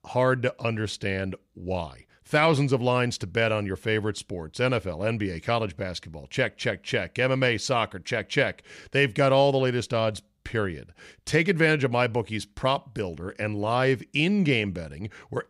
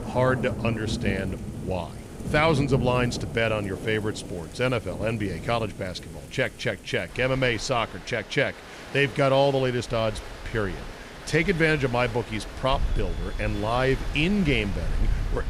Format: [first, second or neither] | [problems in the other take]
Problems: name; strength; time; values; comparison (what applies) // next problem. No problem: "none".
first | rain or running water; loud; throughout; 9 dB below the speech